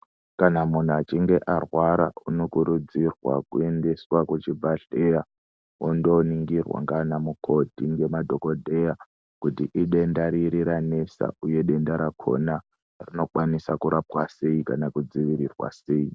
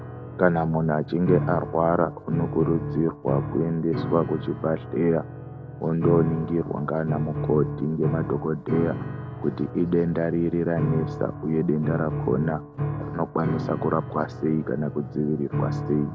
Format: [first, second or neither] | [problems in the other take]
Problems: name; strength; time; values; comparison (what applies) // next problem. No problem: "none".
first | background sound (Piano); 6 dB below the speech